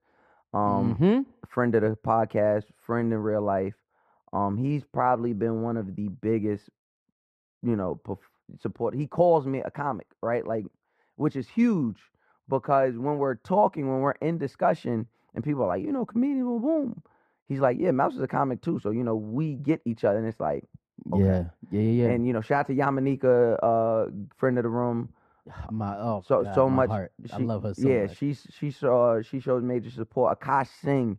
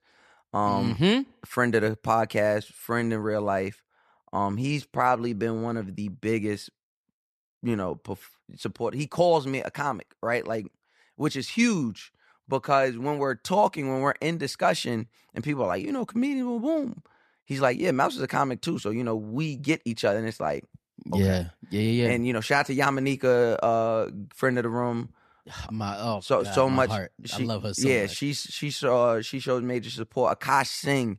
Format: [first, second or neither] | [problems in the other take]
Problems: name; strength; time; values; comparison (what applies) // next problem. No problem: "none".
second | muffled; very; fading above 2 kHz